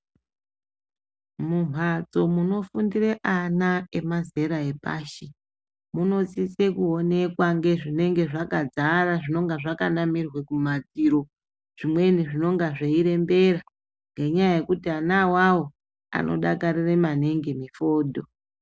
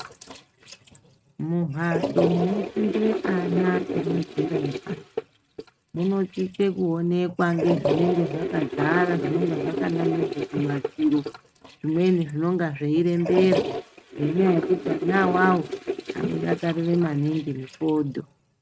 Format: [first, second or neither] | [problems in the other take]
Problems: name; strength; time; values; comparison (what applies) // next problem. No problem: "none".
first | noise reduction (neural mask model RNNoise)